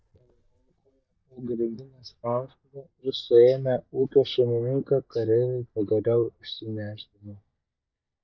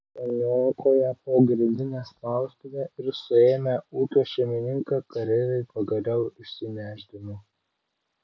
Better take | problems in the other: second | noise reduction (neural mask model DeepFilterNet 3)

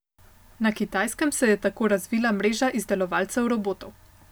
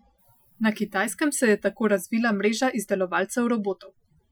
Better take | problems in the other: first | noise reduction (classical method Wiener filter)

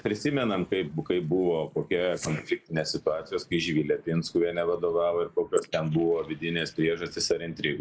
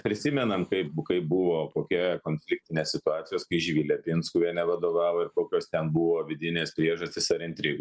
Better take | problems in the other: second | noise reduction (neural mask model Resemble Enhance denoiser)

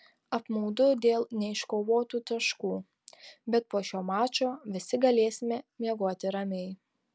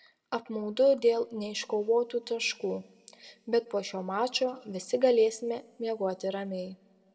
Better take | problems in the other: first | room echo; dies away in 1.7 s

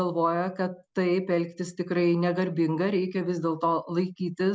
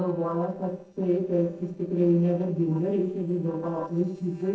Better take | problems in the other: first | noise reduction (neural separator model SepFormer DNS4)

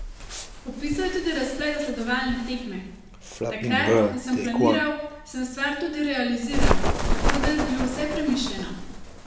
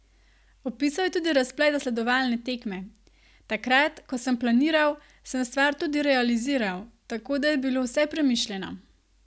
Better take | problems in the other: second | background sound (Bird); 1 dB above the speech // room echo; dies away in 0.8 s

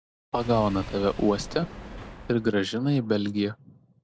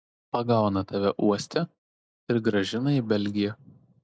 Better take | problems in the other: second | background sound (Engine / Car); 13 dB below the speech

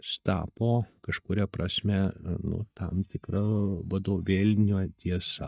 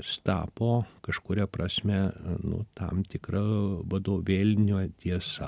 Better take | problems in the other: second | noise reduction (neural mask model DeepFilterNet 3)

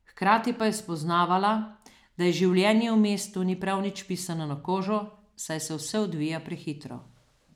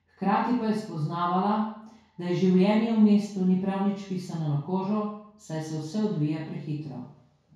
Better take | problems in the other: first | room echo; dies away in 0.6 s

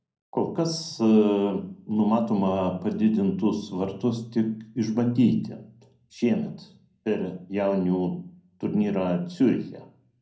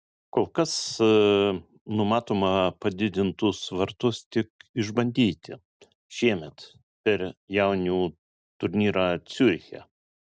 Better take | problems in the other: second | room echo; dies away in 0.6 s

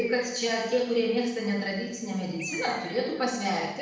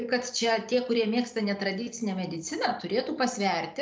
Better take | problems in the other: second | background sound (Bird); 17 dB below the speech // room echo; dies away in 0.9 s

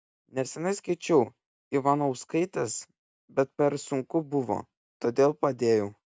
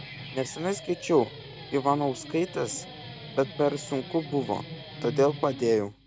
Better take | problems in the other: first | background sound (Guitar); 13 dB below the speech

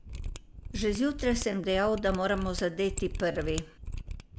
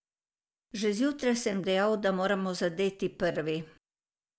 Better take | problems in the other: second | background sound (Mechanisms); 7 dB below the speech

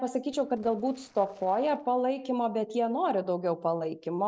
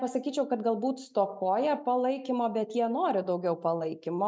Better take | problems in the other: second | noise reduction (neural separator model SepFormer DNS4)

